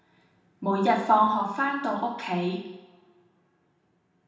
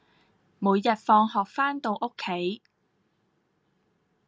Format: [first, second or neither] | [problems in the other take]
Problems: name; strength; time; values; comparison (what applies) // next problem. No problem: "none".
second | room echo; dies away in 0.9 s